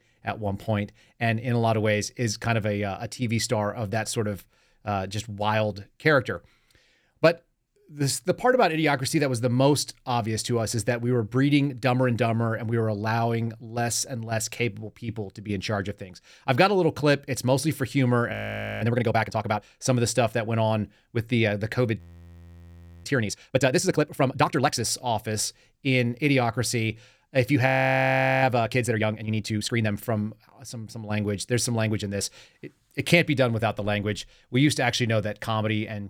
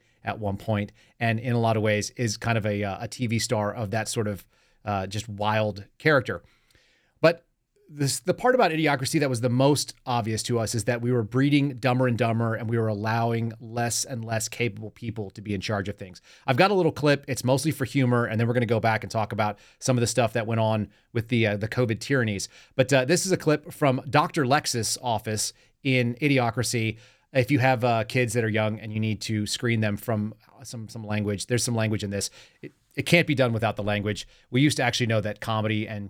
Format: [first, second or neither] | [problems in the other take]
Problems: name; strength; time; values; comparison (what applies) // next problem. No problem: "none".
second | audio freezing; at 18 s, at 22 s for 1 s and at 28 s for 1 s